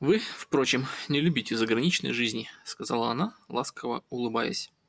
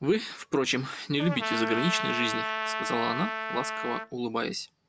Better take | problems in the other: first | background sound (Trumpet); 3 dB below the speech

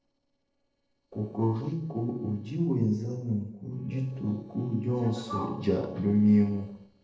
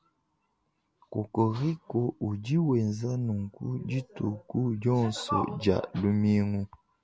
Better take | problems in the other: second | noise reduction (neural separator model SepFormer DNS4)

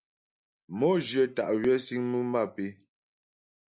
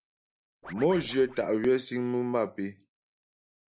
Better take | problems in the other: first | background sound (Scratching (performance technique)); 18 dB below the speech

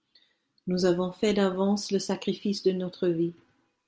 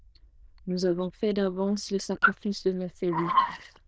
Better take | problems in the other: first | noise reduction (neural diffusion model UNIVERSE++)

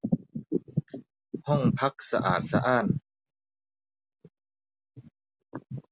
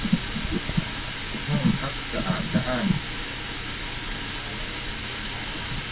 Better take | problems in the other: first | background sound (Water tap, faucet); 1 dB below the speech // room echo; dies away in 0.1 s

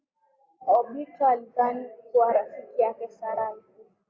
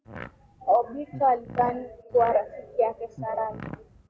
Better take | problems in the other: first | background sound (Fart); 16 dB below the speech

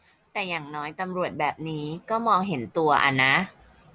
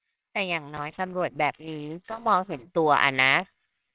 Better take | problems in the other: first | noise reduction (neural separator model SepFormer WHAMR!)

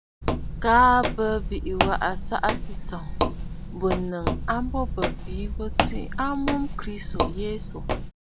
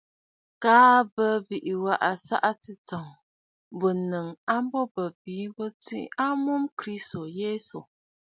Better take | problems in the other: second | background sound (Walk, footsteps); as loud as the speech

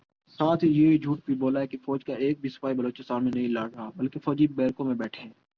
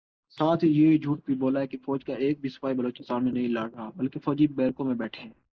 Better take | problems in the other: first | noise reduction (neural mask model Resemble Enhance denoiser)

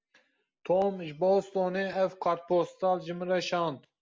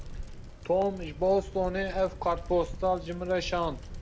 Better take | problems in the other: first | background sound (Bicycle); 10 dB below the speech

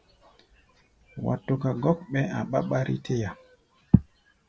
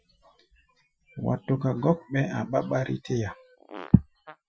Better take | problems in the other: first | noise reduction (classical method Wiener filter)

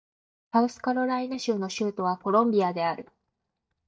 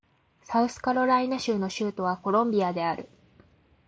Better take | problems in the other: second | noise reduction (neural mask model DeepFilterNet 3)

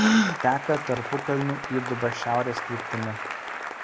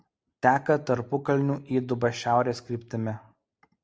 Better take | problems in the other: second | background sound (Gasp + Applause / Cheering); as loud as the speech

